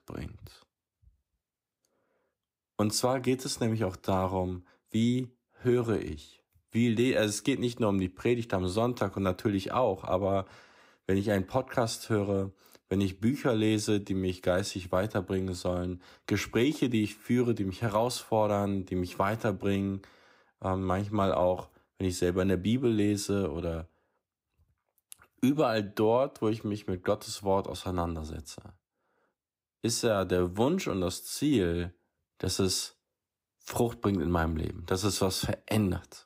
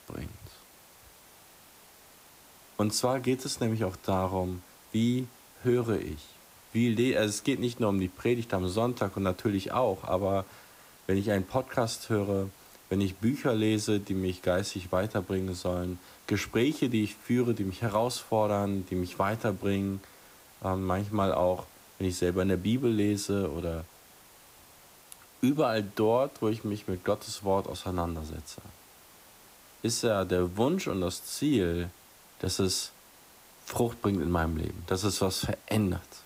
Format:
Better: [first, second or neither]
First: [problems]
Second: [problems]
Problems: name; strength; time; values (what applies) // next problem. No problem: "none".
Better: first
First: none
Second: hiss; faint; throughout; 25 dB below the speech